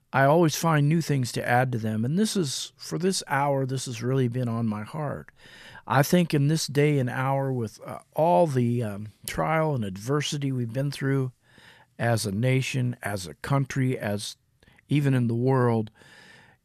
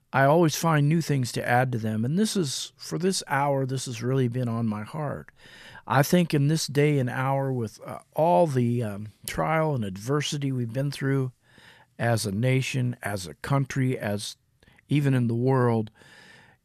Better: neither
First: none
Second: none

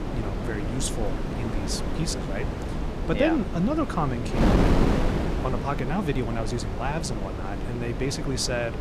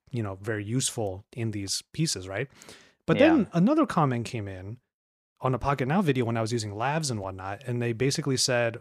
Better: second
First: wind noise on the microphone; heavy; 2 dB below the speech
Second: none

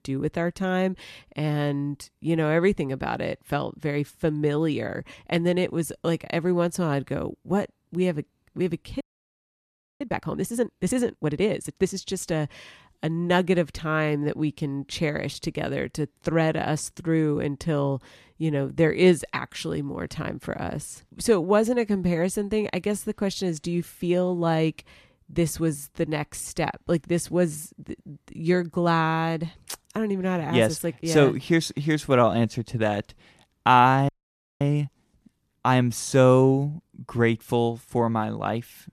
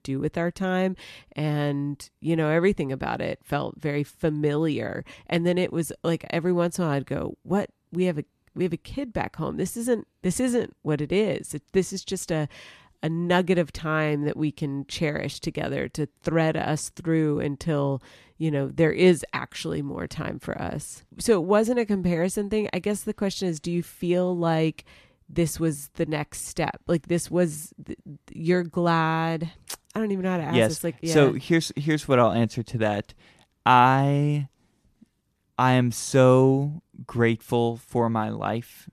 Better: second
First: audio freezing; at 9 s for 1 s and at 34 s for 0.5 s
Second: none

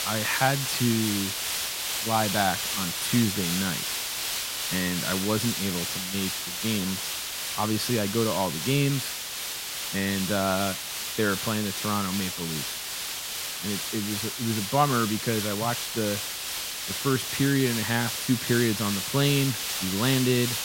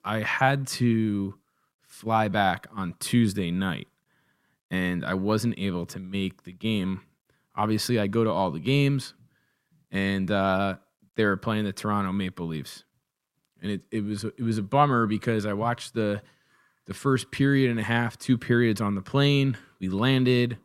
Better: second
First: hiss; loud; throughout; 1 dB below the speech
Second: none

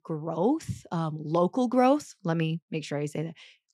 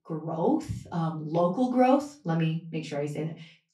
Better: first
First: none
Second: off-mic speech; far // room echo; very slight; dies away in 0.3 s

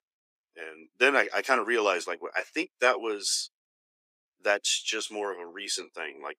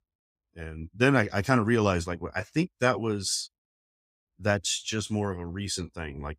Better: second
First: thin; very; fading below 350 Hz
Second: none

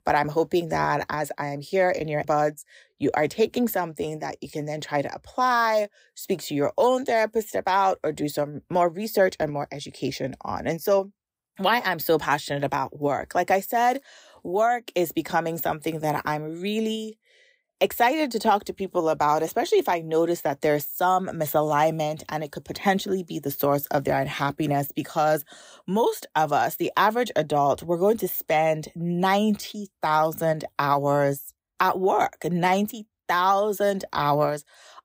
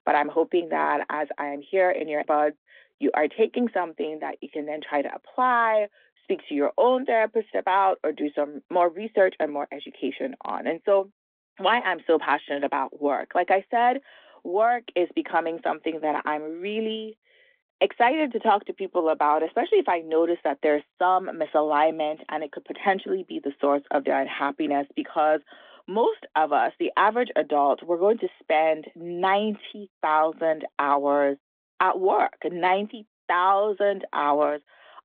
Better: first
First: none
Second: phone-call audio; nothing above 3.5 kHz

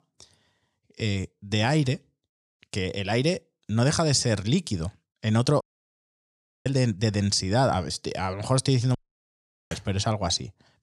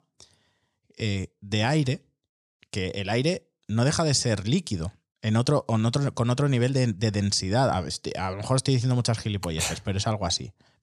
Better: second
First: audio cutting out; at 5.5 s for 1 s and at 9 s for 1 s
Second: none

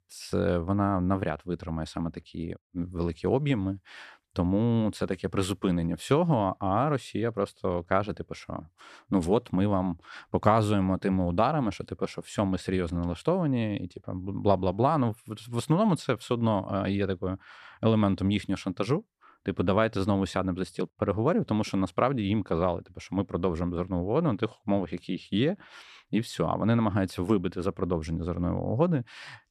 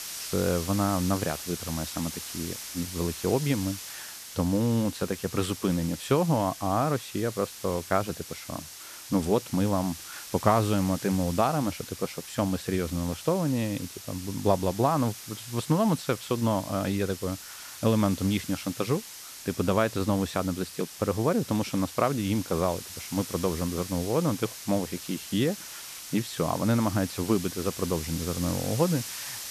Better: first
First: none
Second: hiss; noticeable; throughout; 10 dB below the speech

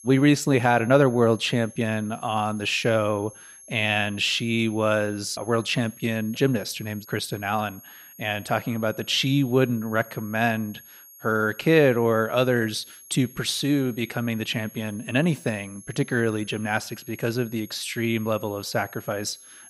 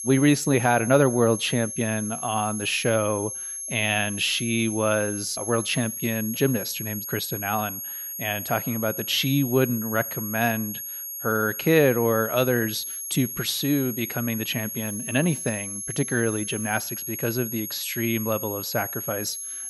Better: first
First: high-pitched whine; faint; throughout; 11.5 kHz, 20 dB below the speech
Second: high-pitched whine; loud; throughout; 11.5 kHz, 6 dB below the speech

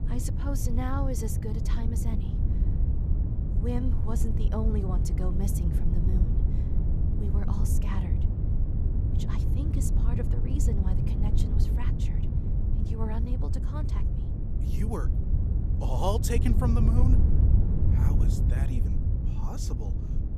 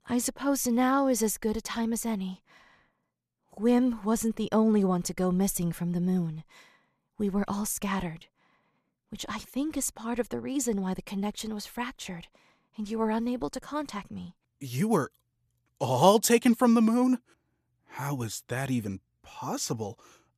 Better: second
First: wind noise on the microphone; heavy; 3 dB below the speech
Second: none

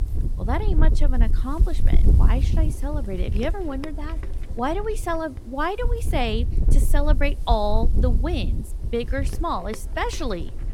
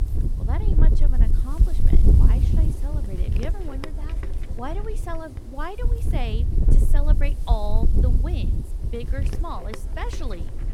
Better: first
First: wind noise on the microphone; occasional gusts; 15 dB below the speech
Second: wind noise on the microphone; heavy; 3 dB below the speech

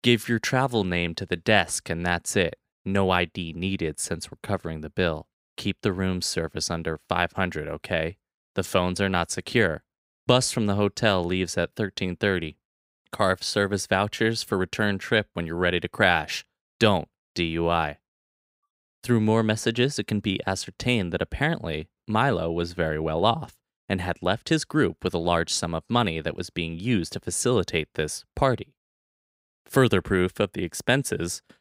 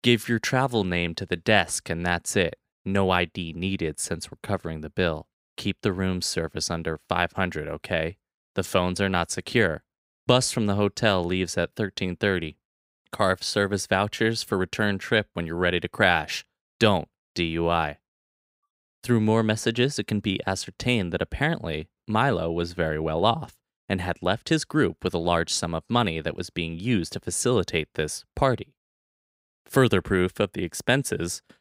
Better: neither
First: none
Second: none

